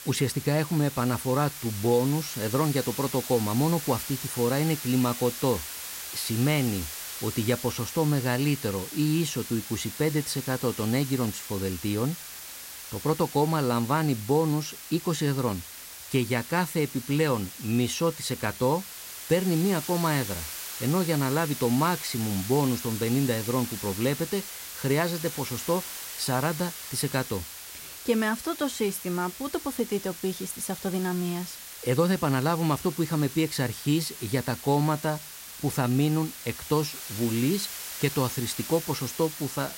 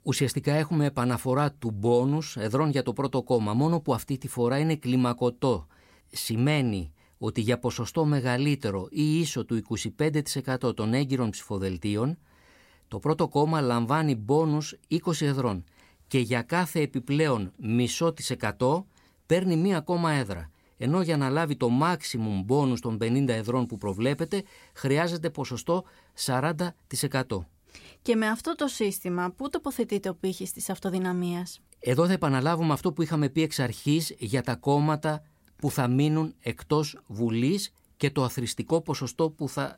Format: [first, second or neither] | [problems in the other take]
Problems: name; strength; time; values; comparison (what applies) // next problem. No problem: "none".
second | hiss; loud; throughout; 9 dB below the speech